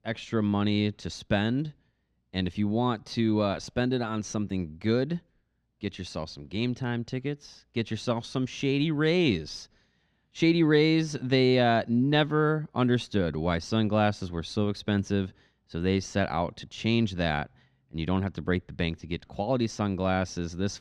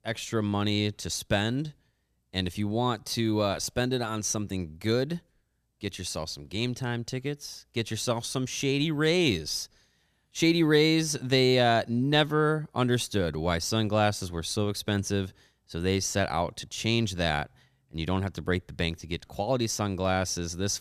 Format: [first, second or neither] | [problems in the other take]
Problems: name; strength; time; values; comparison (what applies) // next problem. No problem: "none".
second | muffled; very slightly; fading above 3.5 kHz